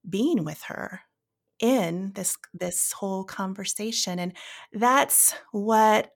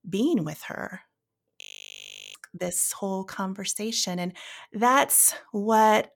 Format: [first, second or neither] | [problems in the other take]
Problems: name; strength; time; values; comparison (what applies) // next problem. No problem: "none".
first | audio freezing; at 1.5 s for 0.5 s